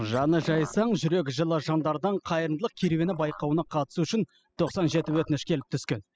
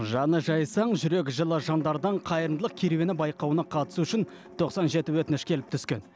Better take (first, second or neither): second